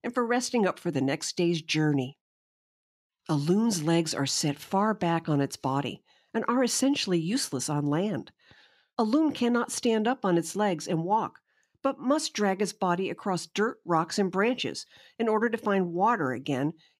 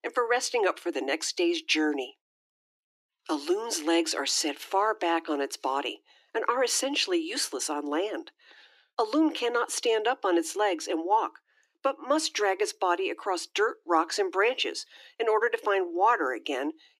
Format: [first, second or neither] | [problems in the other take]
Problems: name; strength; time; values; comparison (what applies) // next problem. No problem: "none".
first | thin; very; fading below 300 Hz